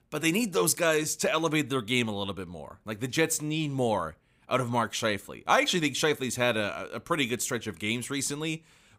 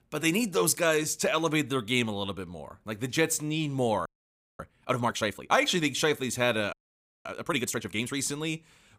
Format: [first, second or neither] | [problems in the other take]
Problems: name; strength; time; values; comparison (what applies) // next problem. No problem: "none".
first | audio freezing; at 4 s for 0.5 s and at 6.5 s for 0.5 s